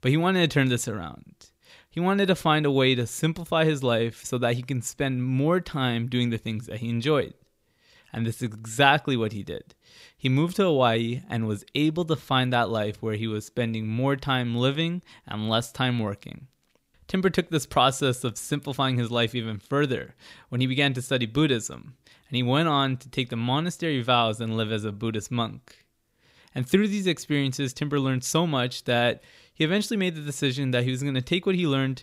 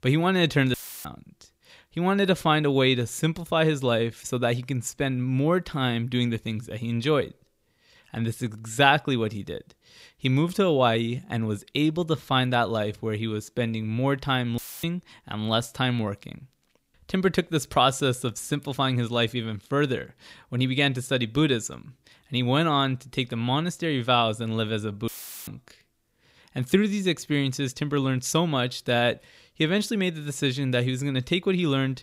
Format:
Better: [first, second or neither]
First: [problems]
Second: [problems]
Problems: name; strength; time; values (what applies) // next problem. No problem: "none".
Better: first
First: none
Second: audio cutting out; filled with static; at 0.5 s, at 15 s and at 25 s